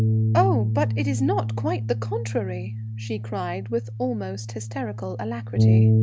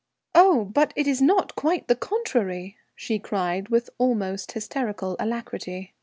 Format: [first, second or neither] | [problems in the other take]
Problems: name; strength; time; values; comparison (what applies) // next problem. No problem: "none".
second | background sound (Bass guitar); 4 dB above the speech